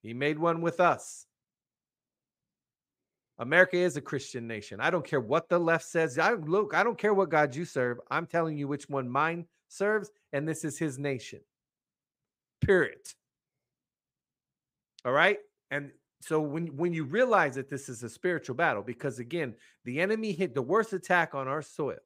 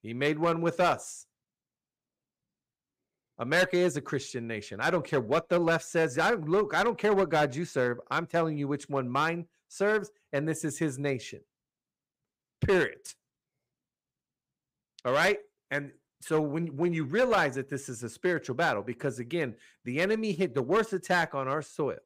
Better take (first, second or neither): first